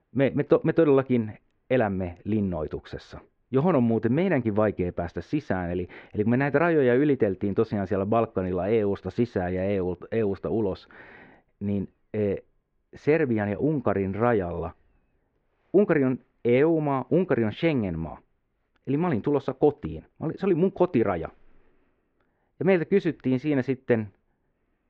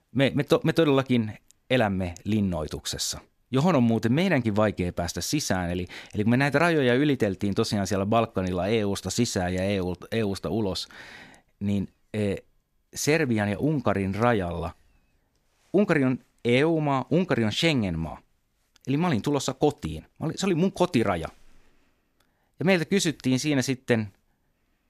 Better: second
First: muffled; very; fading above 2 kHz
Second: none

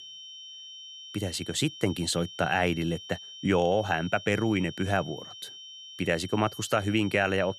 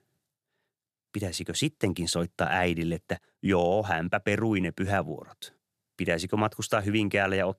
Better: second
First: high-pitched whine; noticeable; throughout; 3 kHz, 15 dB below the speech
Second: none

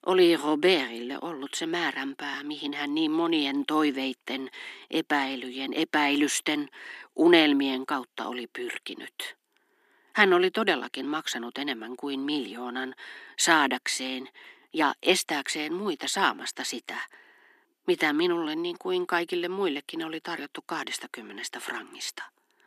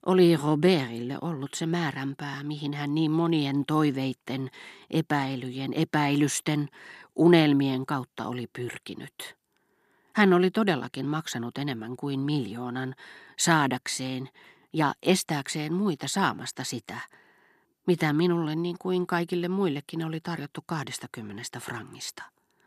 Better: second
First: thin; very slightly; fading below 250 Hz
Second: none

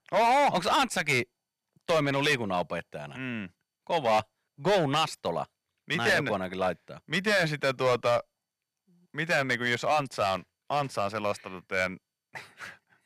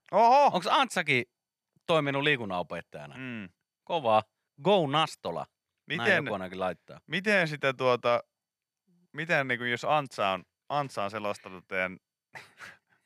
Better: second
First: distortion; heavy; 6% of the sound clipped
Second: none

